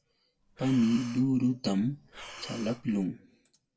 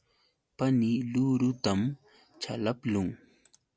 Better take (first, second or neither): second